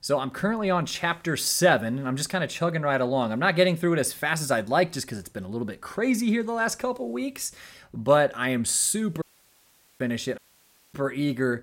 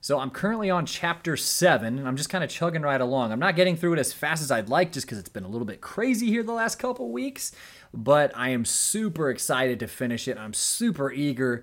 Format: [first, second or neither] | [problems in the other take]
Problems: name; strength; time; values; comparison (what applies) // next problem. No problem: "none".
second | audio cutting out; at 9 s for 1 s and at 10 s for 0.5 s